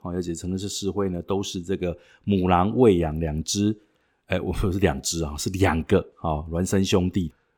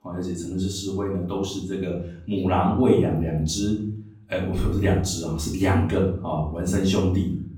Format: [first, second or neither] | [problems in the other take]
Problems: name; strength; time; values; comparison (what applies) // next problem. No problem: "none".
first | off-mic speech; far // room echo; noticeable; dies away in 0.6 s